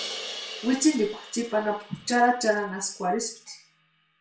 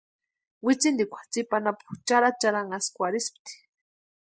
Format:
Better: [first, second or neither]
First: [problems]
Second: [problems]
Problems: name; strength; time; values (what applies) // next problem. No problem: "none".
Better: second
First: background sound (Crash cymbal); 15 dB below the speech // room echo; dies away in 0.4 s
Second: none